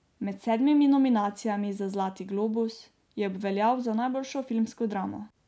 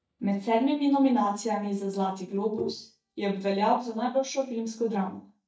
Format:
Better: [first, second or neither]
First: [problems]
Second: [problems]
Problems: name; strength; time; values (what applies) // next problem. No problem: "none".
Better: first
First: none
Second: noise reduction (neural mask model DeepFilterNet 3)